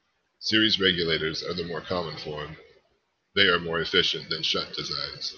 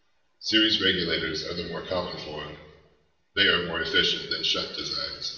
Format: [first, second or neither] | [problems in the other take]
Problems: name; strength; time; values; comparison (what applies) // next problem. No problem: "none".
first | room echo; dies away in 0.7 s